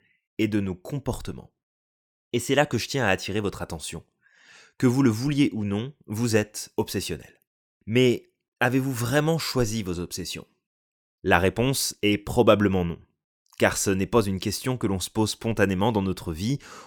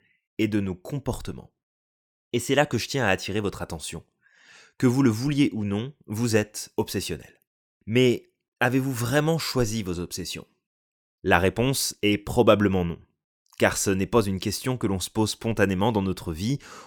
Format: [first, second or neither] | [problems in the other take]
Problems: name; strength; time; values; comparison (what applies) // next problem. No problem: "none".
neither | none